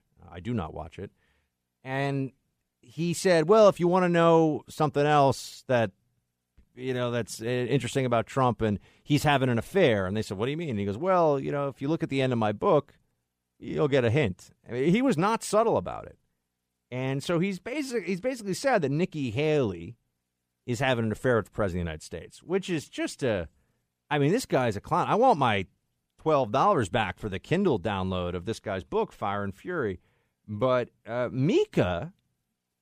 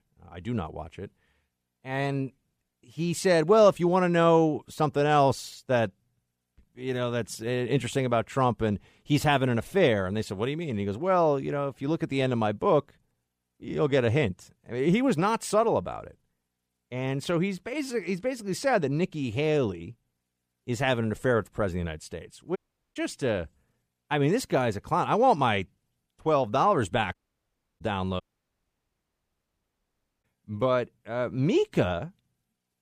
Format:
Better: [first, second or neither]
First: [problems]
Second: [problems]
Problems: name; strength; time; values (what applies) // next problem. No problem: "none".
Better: first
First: none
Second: audio cutting out; at 23 s, at 27 s for 0.5 s and at 28 s for 2 s